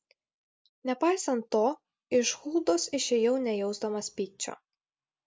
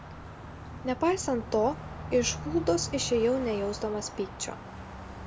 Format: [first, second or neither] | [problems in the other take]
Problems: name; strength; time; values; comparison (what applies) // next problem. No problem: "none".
first | background sound (Car passing by); 10 dB below the speech